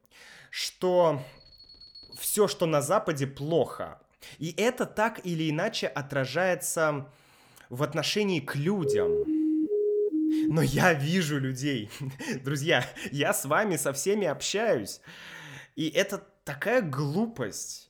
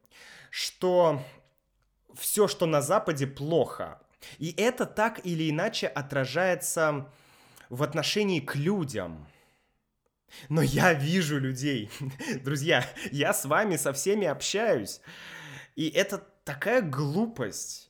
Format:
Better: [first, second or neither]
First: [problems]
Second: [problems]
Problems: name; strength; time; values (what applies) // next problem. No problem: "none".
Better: second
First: alarm; faint; from 1.5 to 2.5 s; peak 20 dB below the speech // siren; loud; from 9 to 11 s; peak 2 dB above the speech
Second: none